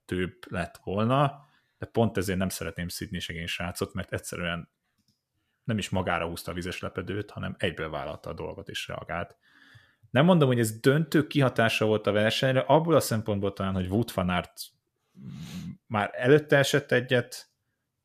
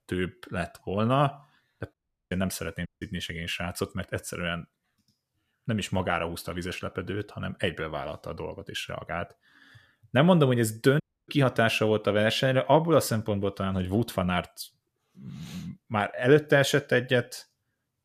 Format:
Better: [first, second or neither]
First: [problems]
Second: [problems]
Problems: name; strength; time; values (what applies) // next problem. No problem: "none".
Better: first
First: none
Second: audio cutting out; at 2 s, at 3 s and at 11 s